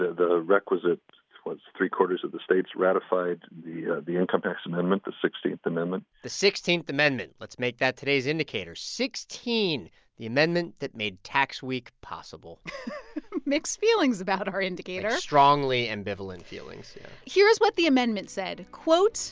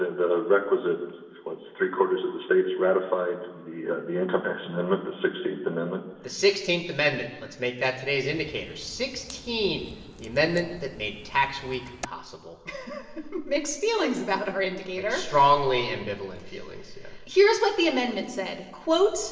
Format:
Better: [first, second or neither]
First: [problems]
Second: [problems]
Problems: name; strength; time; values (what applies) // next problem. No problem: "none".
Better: first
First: none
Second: background sound (Crack); 18 dB below the speech // room echo; dies away in 1.3 s